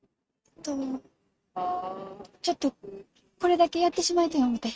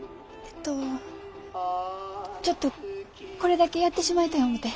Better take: second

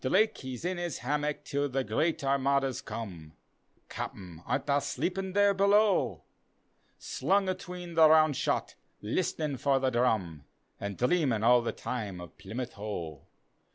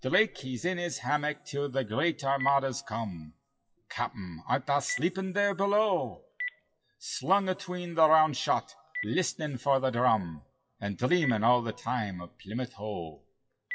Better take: first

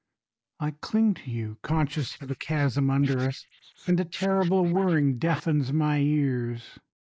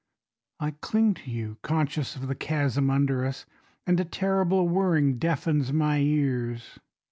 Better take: second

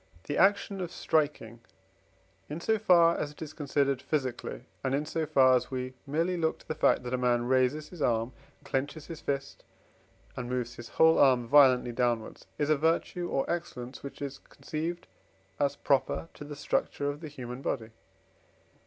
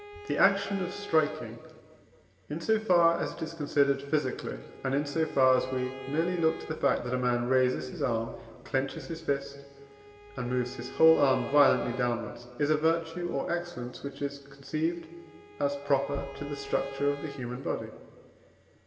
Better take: first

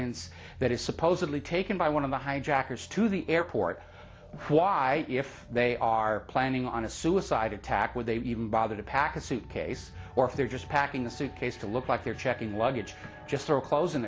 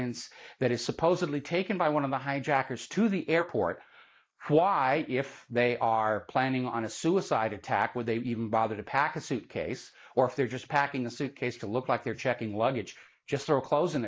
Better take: first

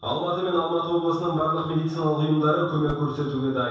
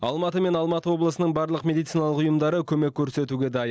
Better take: second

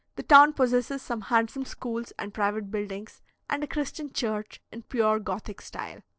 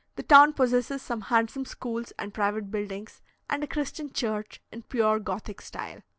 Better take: second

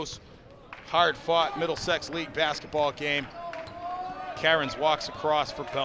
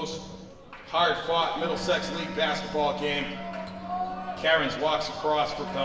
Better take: first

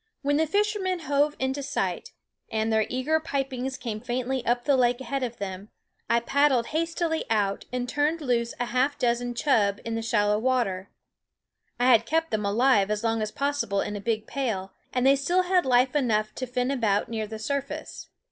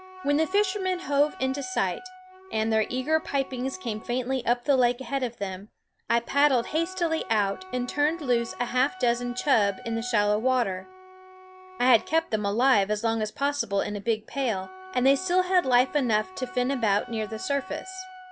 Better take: first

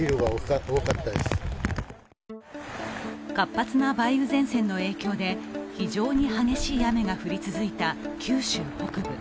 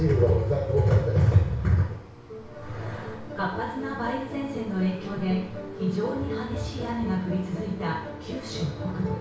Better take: first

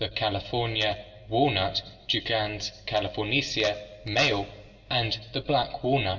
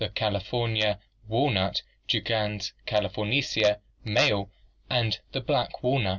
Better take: second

